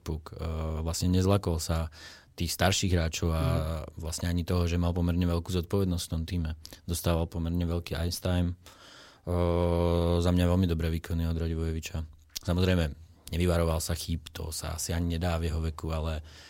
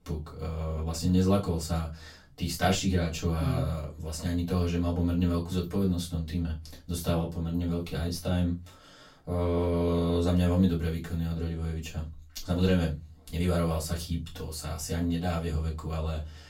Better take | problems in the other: first | off-mic speech; far // room echo; very slight; dies away in 0.2 s

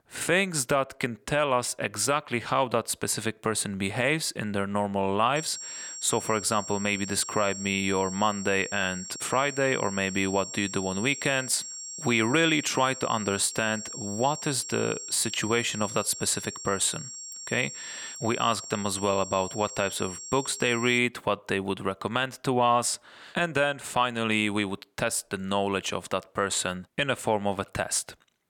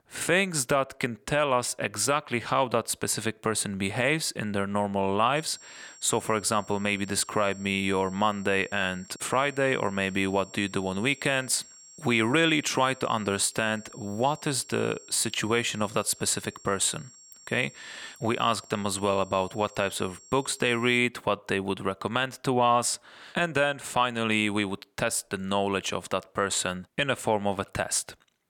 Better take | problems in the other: second | high-pitched whine; loud; from 5.5 to 21 s; 7.5 kHz, 10 dB below the speech; faint in the second

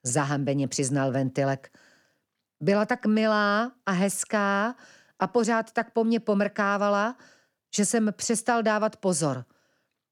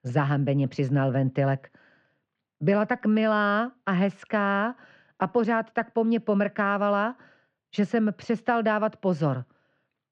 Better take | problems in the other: first | muffled; very; fading above 3.5 kHz

